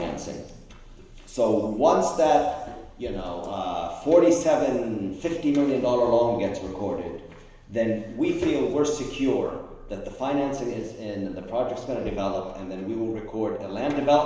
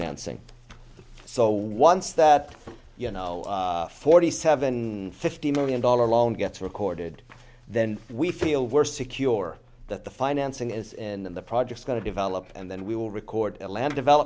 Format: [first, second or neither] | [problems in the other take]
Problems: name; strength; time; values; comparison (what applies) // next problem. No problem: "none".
second | room echo; dies away in 1.1 s